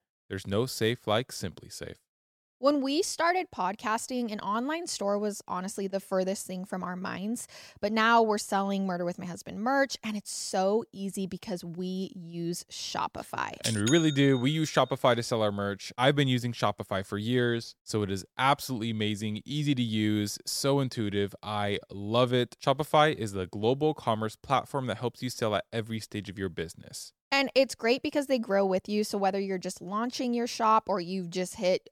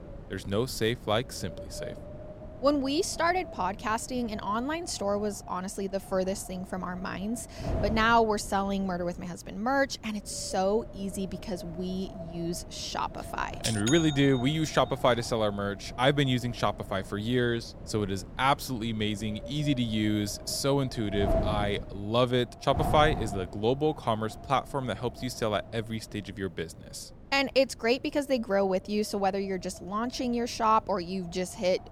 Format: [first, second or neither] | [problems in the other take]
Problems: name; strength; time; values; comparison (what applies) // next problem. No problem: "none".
first | wind noise on the microphone; occasional gusts; 15 dB below the speech